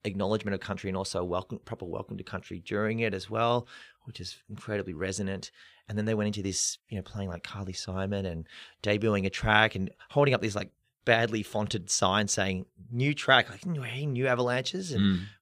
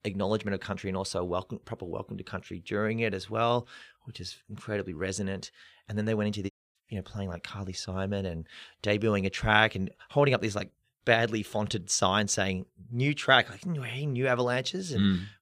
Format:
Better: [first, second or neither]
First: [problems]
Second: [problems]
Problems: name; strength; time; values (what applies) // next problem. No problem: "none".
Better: first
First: none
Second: audio cutting out; at 6.5 s